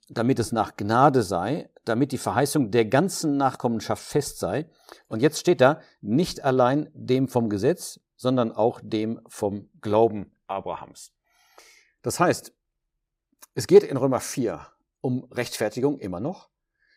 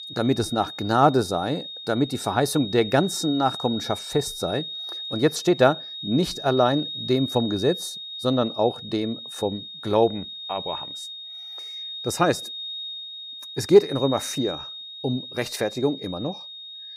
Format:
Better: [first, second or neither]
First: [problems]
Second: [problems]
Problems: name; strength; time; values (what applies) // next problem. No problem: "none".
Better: first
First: none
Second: high-pitched whine; loud; throughout; 3.5 kHz, 9 dB below the speech